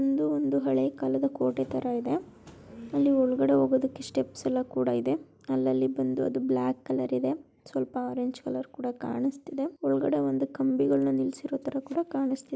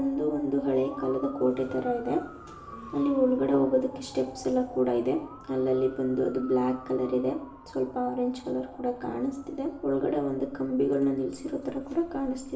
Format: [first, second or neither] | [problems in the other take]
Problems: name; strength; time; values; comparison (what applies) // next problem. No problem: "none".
first | background sound (Motor vehicle (road) / Siren); 19 dB below the speech // room echo; dies away in 0.7 s